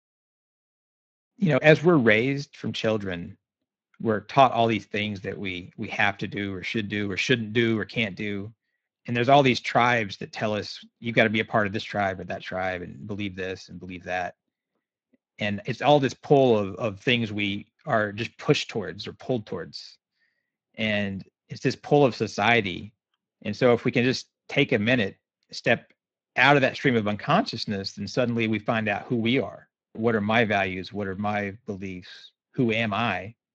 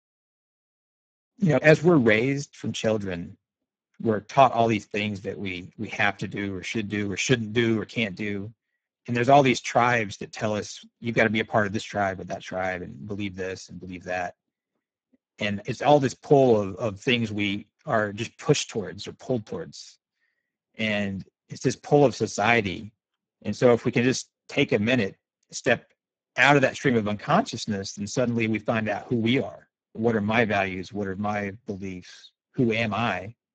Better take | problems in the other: first | garbled, watery; badly; nothing above 7.5 kHz; slightly in the first

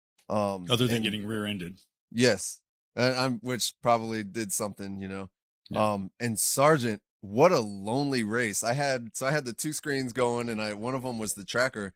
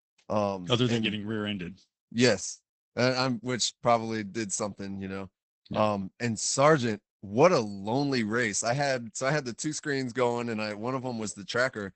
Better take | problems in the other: first | garbled, watery; badly; nothing above 8 kHz; slightly in the first

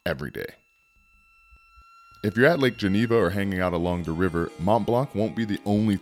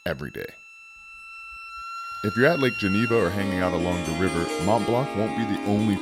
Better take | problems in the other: first | background music; loud; throughout; 6 dB below the speech; faint in the first

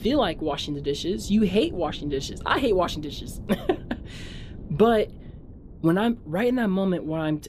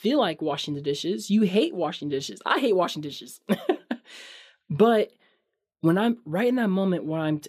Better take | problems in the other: second | wind noise on the microphone; occasional gusts; 25 dB below the speech

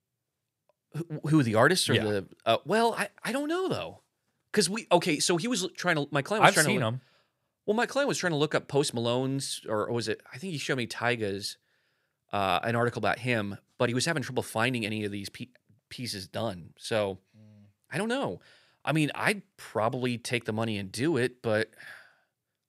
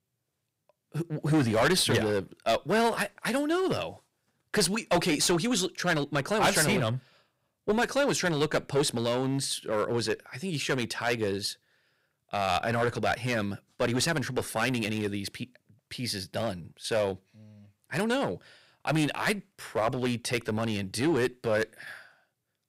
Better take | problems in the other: first | distortion; heavy; 6% of the sound clipped

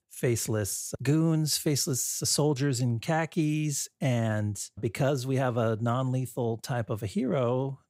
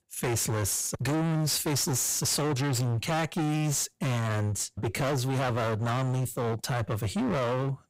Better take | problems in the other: first | distortion; heavy; 38% of the sound clipped

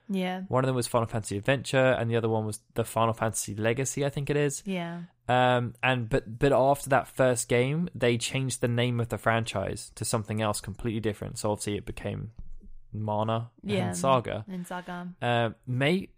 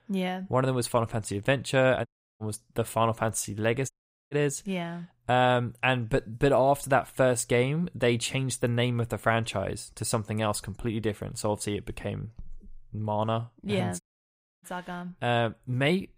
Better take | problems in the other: first | audio cutting out; at 2 s, at 4 s and at 14 s for 0.5 s

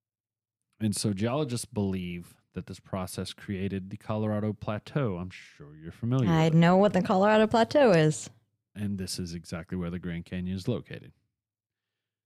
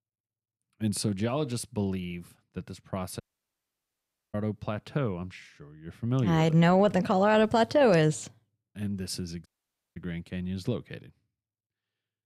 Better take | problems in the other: first | audio cutting out; at 3 s for 1 s and at 9.5 s for 0.5 s

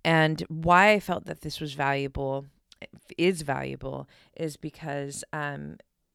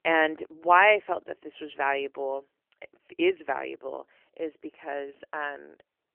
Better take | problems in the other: first | phone-call audio; nothing above 3 kHz

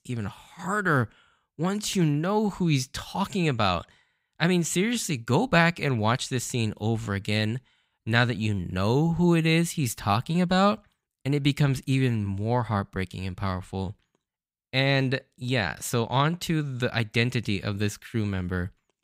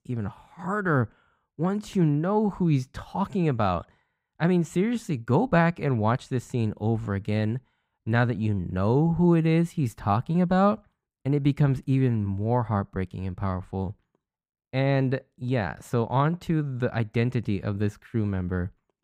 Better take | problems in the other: first | muffled; slightly; fading above 2 kHz

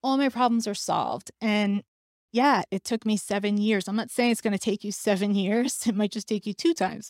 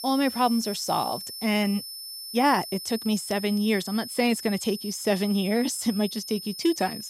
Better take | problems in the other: first | high-pitched whine; loud; throughout; 5 kHz, 9 dB below the speech

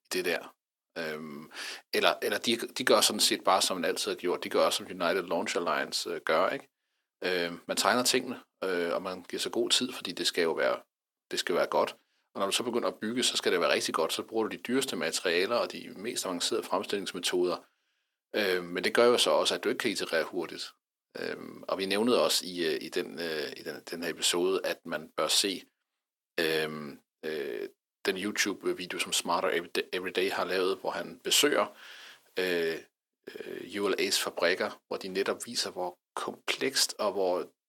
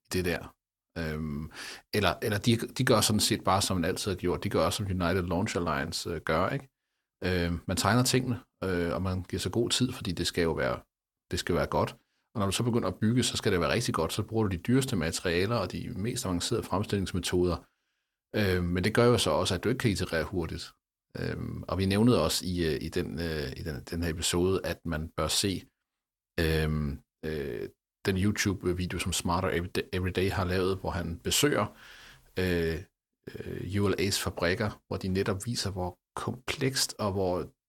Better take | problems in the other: second | thin; somewhat; fading below 300 Hz

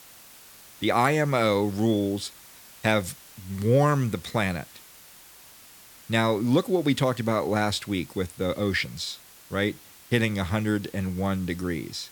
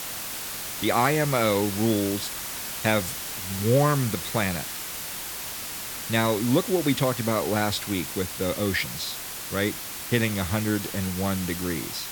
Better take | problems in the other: first | hiss; loud; throughout; 6 dB below the speech; faint in the first

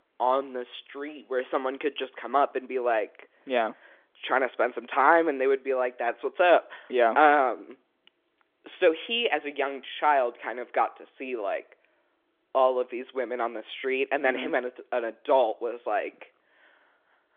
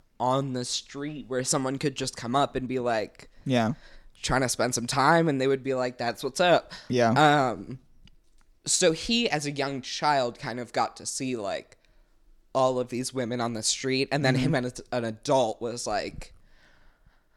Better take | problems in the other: second | phone-call audio; nothing above 3.5 kHz

